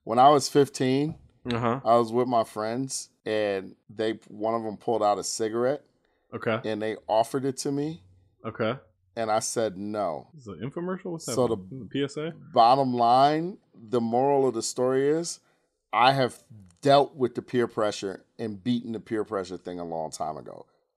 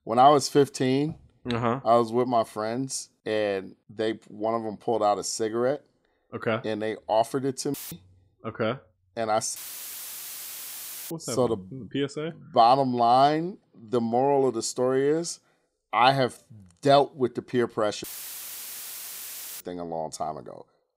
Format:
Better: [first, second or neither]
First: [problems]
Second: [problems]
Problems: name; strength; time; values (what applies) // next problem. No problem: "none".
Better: first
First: none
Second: audio cutting out; filled with static; at 7.5 s, at 9.5 s for 1.5 s and at 18 s for 1.5 s